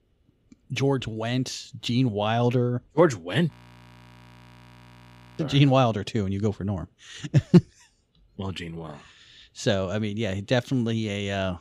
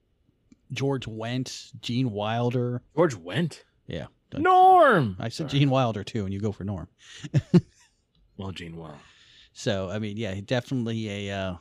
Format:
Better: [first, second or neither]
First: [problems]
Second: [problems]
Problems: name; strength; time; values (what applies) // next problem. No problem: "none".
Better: second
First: audio freezing; at 3.5 s for 2 s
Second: none